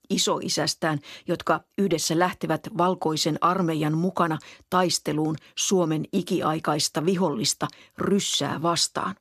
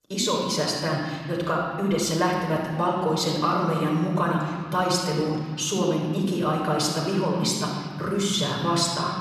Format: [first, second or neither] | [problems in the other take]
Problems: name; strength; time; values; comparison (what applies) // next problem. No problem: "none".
first | off-mic speech; far // room echo; noticeable; dies away in 1.9 s